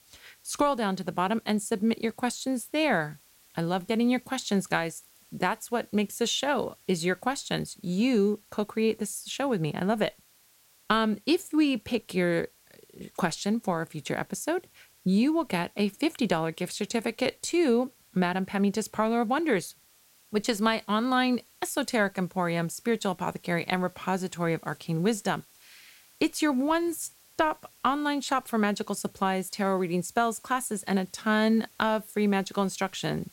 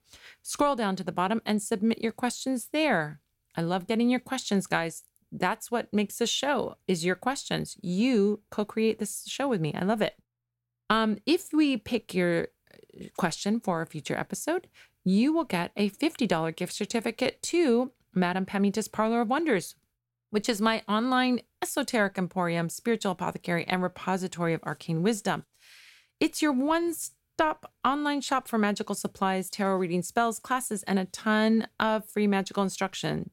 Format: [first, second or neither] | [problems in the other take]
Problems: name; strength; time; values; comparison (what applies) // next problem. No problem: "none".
second | hiss; faint; throughout; 30 dB below the speech